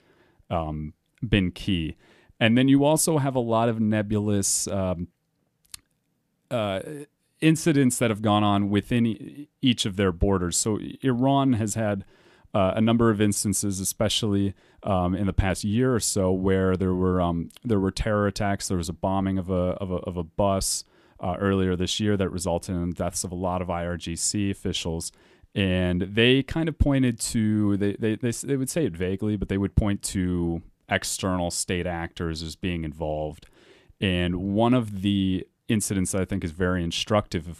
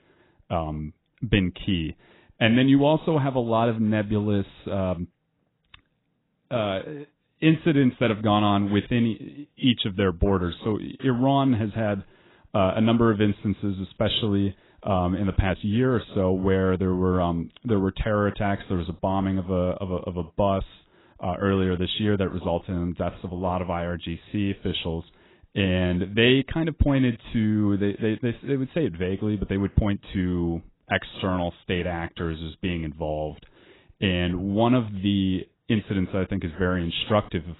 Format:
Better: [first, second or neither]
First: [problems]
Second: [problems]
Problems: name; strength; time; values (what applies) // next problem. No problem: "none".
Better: first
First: none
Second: garbled, watery; badly; nothing above 4 kHz